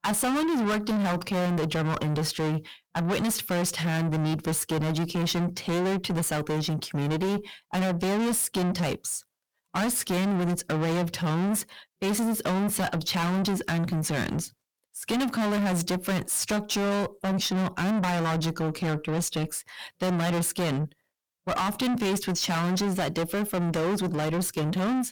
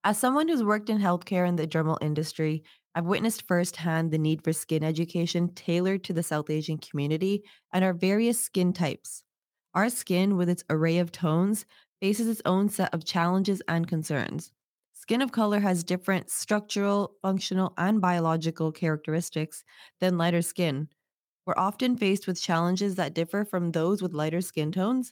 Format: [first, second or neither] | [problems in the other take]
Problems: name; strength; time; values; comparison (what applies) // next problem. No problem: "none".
second | distortion; heavy; 5 dB below the speech